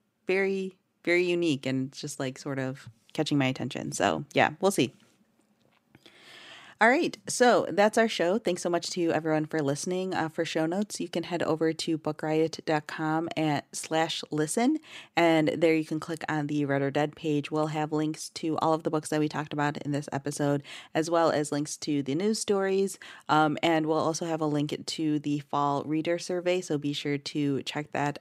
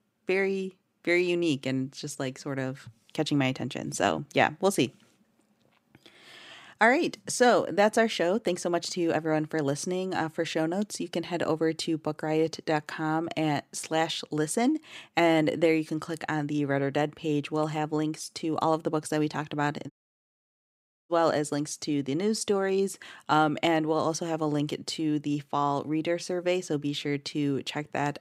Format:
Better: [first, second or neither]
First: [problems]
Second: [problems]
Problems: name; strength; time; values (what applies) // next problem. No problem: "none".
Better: first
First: none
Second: audio cutting out; at 20 s for 1 s